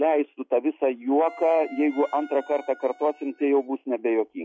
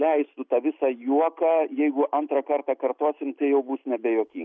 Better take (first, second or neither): second